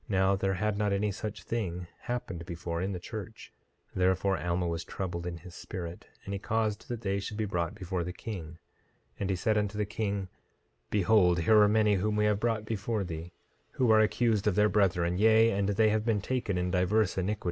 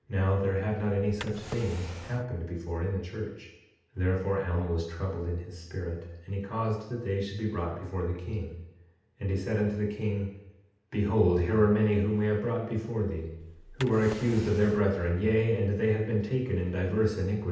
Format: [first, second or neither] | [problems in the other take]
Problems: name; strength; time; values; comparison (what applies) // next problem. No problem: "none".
first | background sound (Drawer open or close); 14 dB below the speech // room echo; dies away in 0.8 s